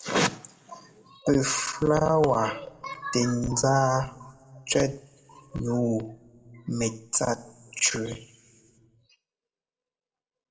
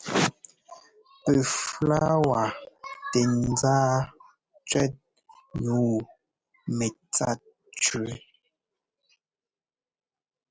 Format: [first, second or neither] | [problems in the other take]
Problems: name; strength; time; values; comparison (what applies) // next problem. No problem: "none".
second | room echo; dies away in 1.2 s